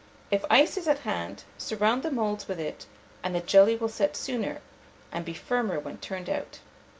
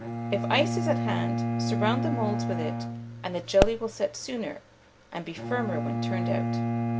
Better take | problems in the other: first | background sound (Bowed string instrument + Explosion); 1 dB above the speech

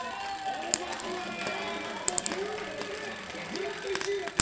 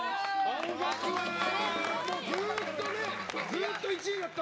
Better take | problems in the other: second | background sound (Frying (food)); 1 dB below the speech // room echo; dies away in 0.9 s

